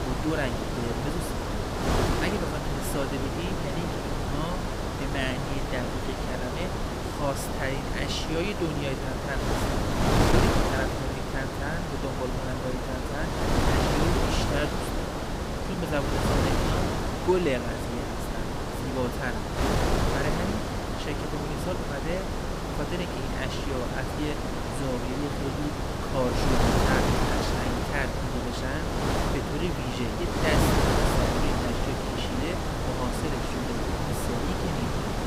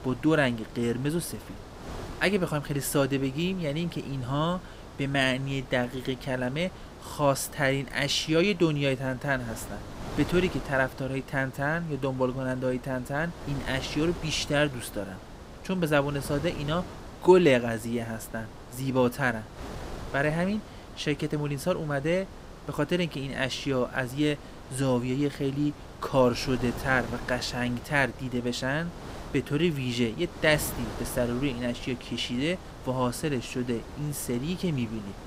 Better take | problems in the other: second | wind noise on the microphone; heavy; 4 dB above the speech; occasional gusts in the second

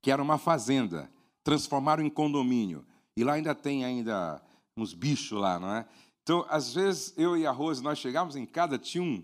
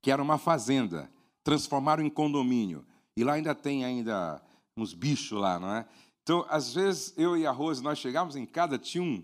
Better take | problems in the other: neither | none

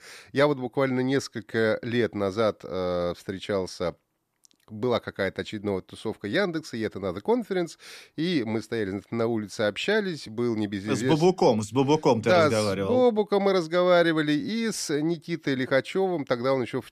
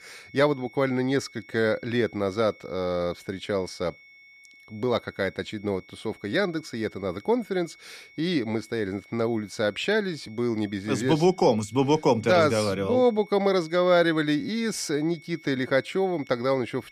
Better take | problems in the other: first | high-pitched whine; faint; throughout; 2 kHz, 25 dB below the speech

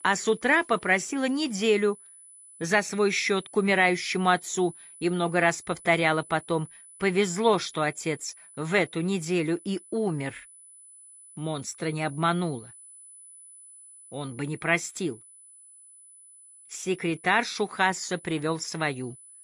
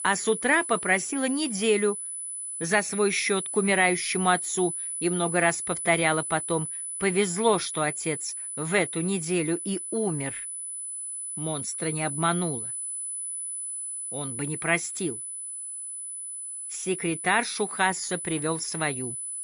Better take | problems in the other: first | high-pitched whine; loud; throughout; 10 kHz, 5 dB below the speech; faint in the first

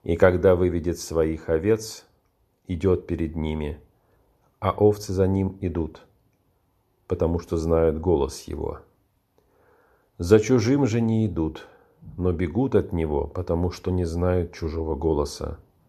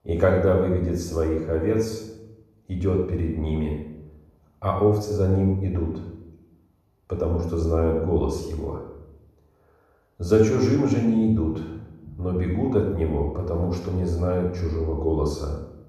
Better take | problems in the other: first | off-mic speech; somewhat distant // room echo; noticeable; dies away in 0.8 s

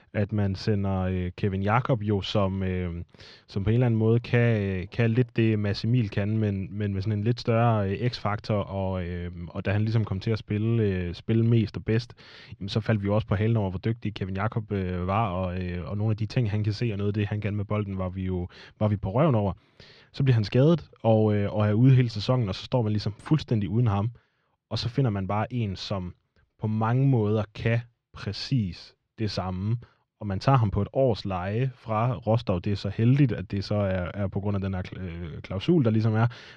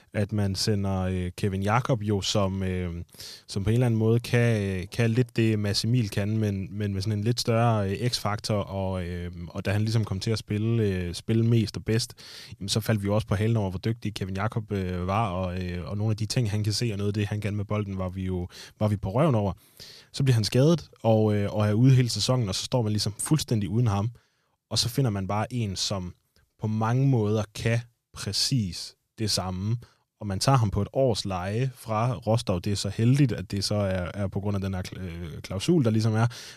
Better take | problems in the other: second | muffled; slightly; fading above 3.5 kHz

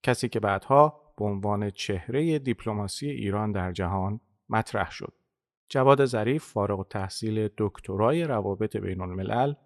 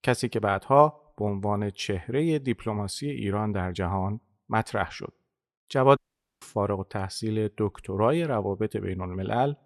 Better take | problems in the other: first | audio cutting out; at 6 s

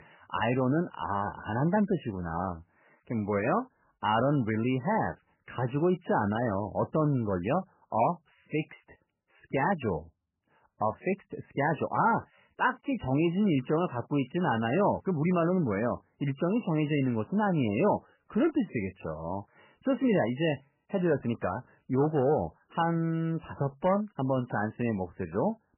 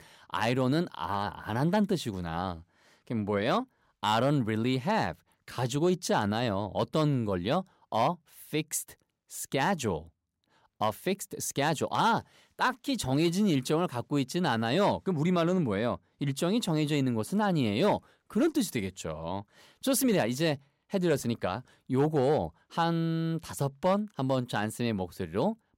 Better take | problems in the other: second | garbled, watery; badly; nothing above 3 kHz

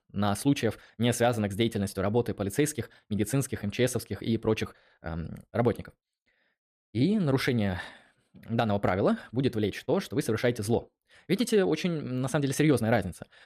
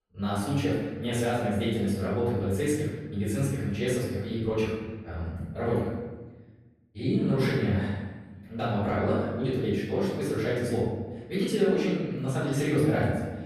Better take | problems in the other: first | off-mic speech; far // room echo; strong; dies away in 1.2 s

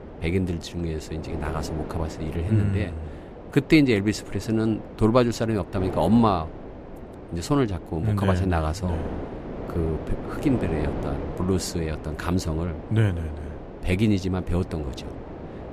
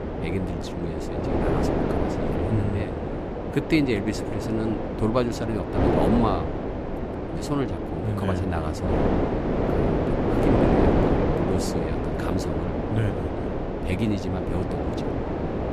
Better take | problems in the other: first | wind noise on the microphone; heavy; 4 dB above the speech; occasional gusts in the first

